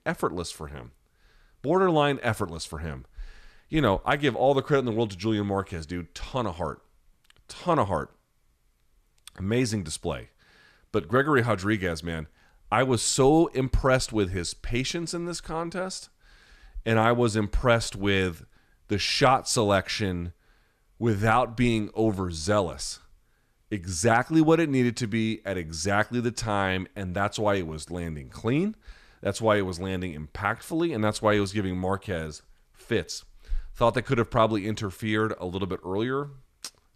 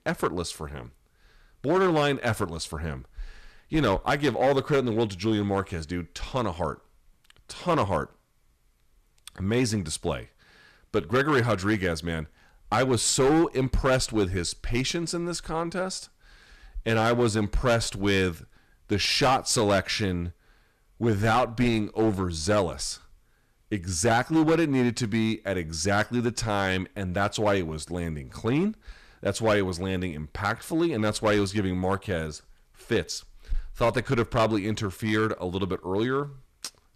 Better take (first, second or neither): first